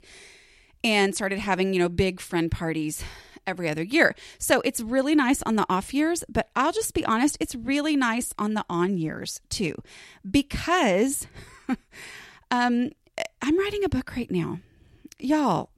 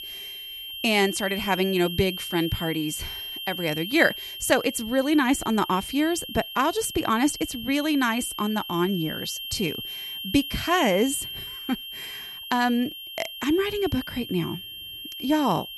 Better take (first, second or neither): first